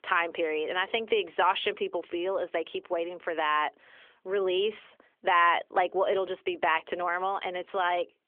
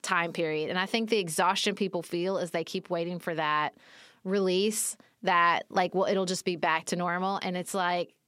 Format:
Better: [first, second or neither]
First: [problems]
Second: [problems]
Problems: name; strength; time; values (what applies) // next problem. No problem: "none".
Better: second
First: phone-call audio; nothing above 3.5 kHz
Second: none